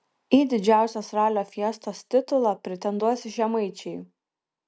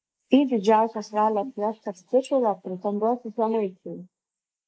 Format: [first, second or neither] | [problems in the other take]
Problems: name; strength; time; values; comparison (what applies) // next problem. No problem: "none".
first | noise reduction (neural mask model Resemble Enhance denoiser)